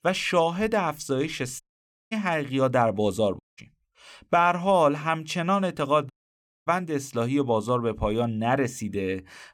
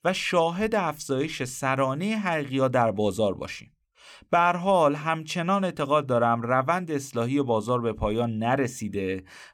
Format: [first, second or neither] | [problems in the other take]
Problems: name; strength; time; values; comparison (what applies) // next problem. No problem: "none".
second | audio cutting out; at 1.5 s for 0.5 s, at 3.5 s and at 6 s for 0.5 s